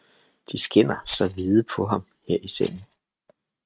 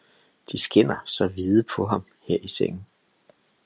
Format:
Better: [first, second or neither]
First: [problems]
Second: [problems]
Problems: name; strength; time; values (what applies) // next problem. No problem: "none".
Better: second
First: noise reduction (neural mask model RNNoise)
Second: none